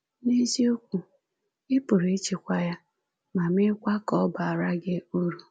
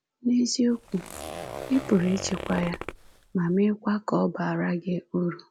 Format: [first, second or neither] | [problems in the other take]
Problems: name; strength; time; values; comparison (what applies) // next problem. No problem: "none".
first | background sound (Zipper (clothing)); 11 dB below the speech